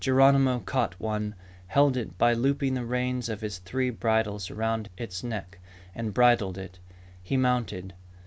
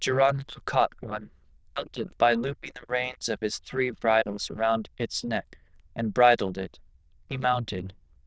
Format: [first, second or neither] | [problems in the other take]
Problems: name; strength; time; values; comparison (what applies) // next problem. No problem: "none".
first | noise reduction (neural diffusion model UNIVERSE++)